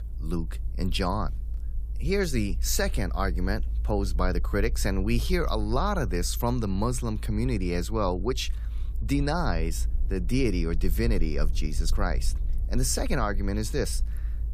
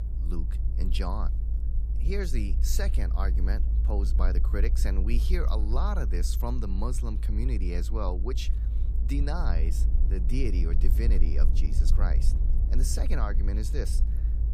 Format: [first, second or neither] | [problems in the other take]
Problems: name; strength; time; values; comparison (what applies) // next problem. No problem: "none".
first | low rumble; loud; throughout; 10 dB below the speech; faint in the first